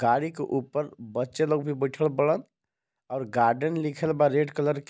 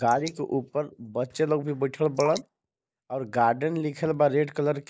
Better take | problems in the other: first | noise reduction (neural mask model Resemble Enhance denoiser)

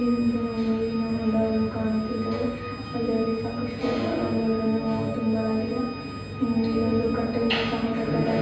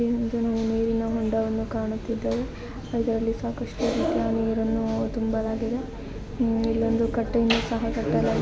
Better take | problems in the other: second | background sound (Organ); 16 dB below the speech // room echo; dies away in 0.9 s

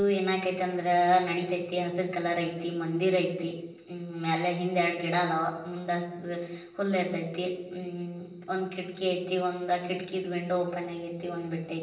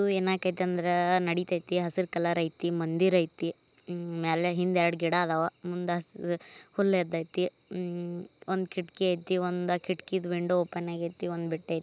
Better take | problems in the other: second | room echo; dies away in 0.7 s

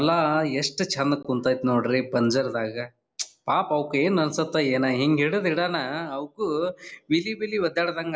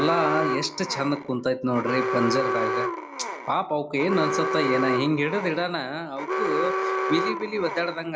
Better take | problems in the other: first | background sound (Alarm); 2 dB below the speech

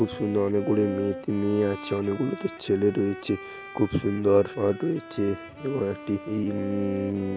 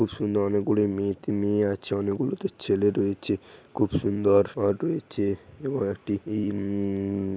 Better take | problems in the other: second | background sound (Bowed string instrument); 12 dB below the speech

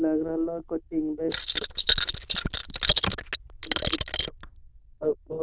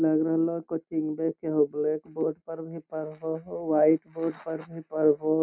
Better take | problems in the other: second | noise reduction (neural diffusion model UNIVERSE++)

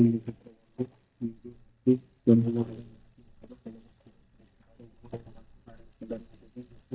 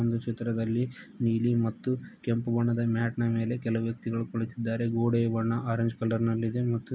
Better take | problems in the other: second | noise reduction (neural mask model DeepFilterNet 3)

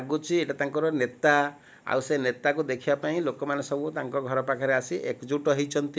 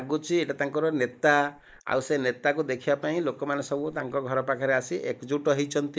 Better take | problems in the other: first | noise reduction (neural mask model Resemble Enhance denoiser)

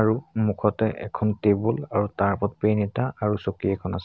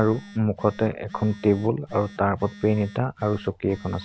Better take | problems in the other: first | background sound (Telephone); 20 dB below the speech

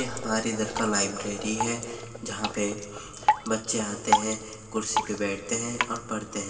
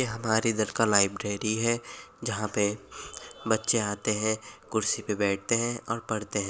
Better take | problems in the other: second | background sound (Drip); 2 dB below the speech // room echo; dies away in 2.3 s

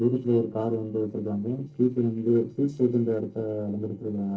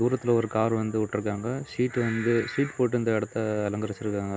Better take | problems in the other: second | noise reduction (neural separator model SepFormer DNS4)

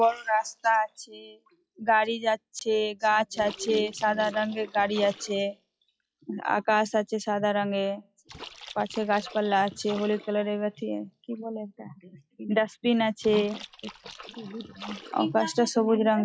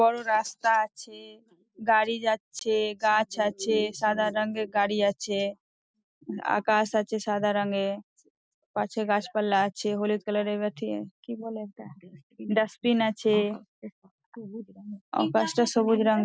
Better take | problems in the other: second | noise reduction (classical method log-MMSE)

